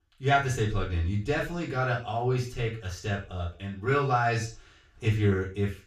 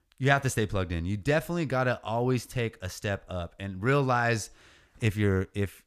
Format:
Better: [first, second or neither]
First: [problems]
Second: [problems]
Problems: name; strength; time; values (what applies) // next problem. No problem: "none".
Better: second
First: room echo; noticeable; dies away in 0.3 s // off-mic speech; far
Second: none